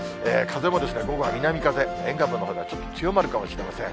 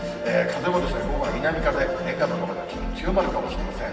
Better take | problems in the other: first | room echo; dies away in 2.4 s

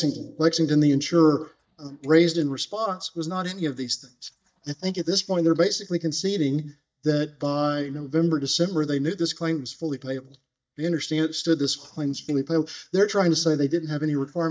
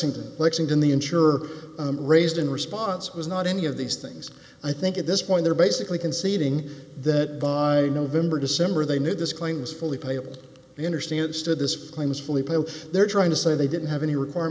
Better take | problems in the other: second | noise reduction (neural mask model DeepFilterNet 3)

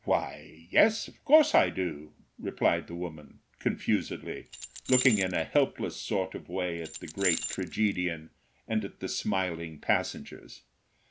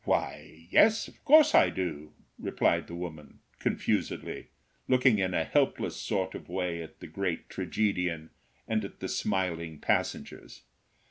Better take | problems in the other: second | background sound (Keys jangling); 7 dB below the speech

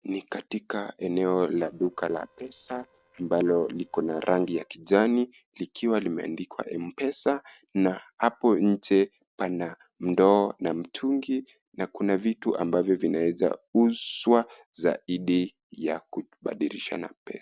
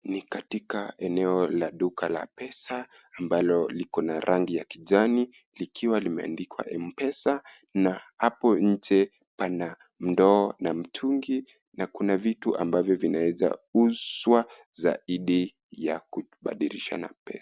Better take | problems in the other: second | noise reduction (neural separator model SepFormer DNS4)

